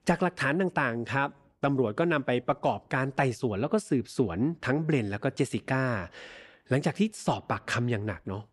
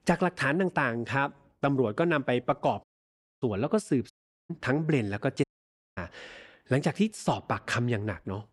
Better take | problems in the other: first | audio cutting out; at 3 s for 0.5 s, at 4 s and at 5.5 s for 0.5 s

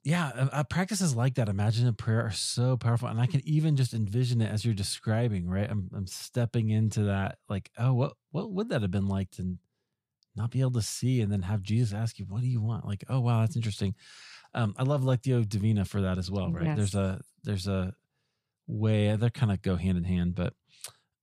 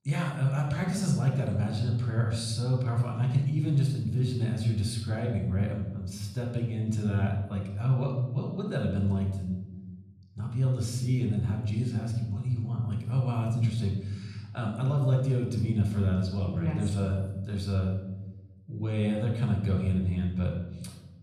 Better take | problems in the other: first | off-mic speech; somewhat distant // room echo; noticeable; dies away in 1.2 s

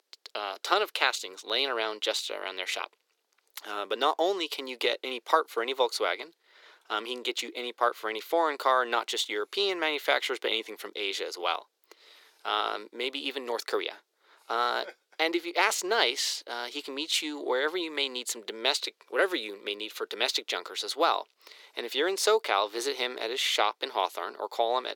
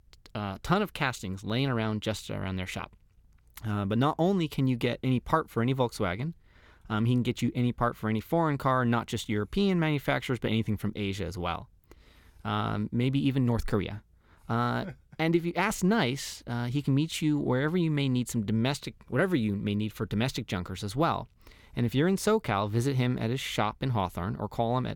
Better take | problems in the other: second | thin; very; fading below 400 Hz

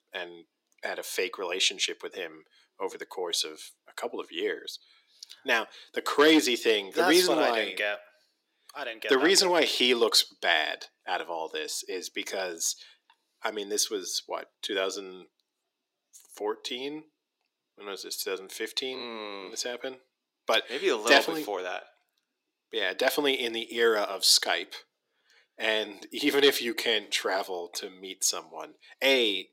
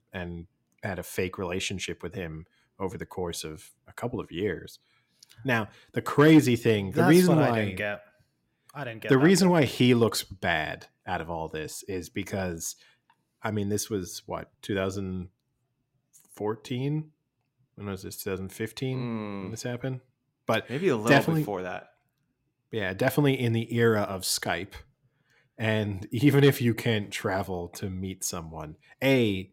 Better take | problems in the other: second | thin; somewhat; fading below 350 Hz

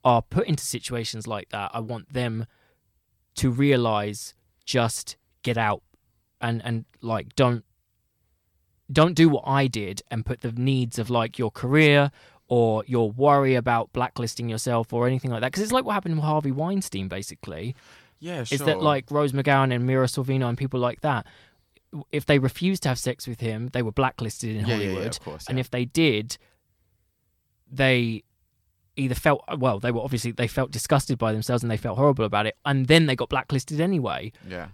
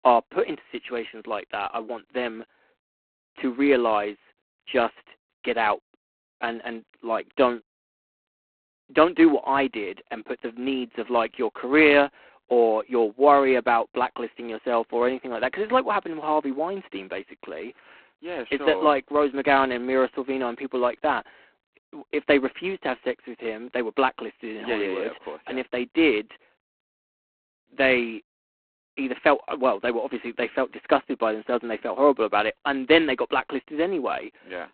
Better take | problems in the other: first | phone-call audio; poor line; nothing above 4 kHz

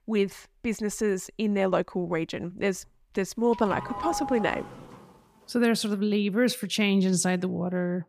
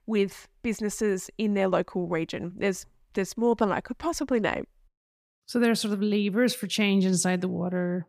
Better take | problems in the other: second | doorbell; noticeable; from 3.5 to 5 s; peak 5 dB below the speech

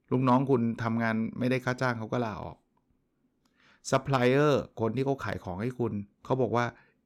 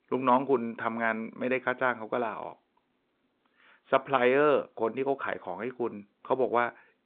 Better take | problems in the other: first | phone-call audio; nothing above 3.5 kHz

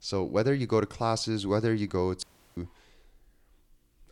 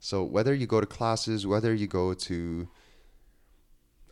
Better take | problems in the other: second | audio cutting out; at 2 s

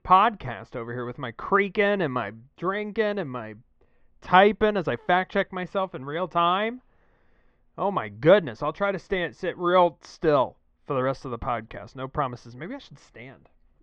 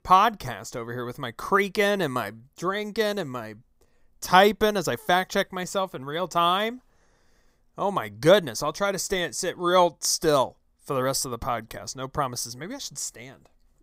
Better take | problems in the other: second | muffled; very; fading above 3 kHz

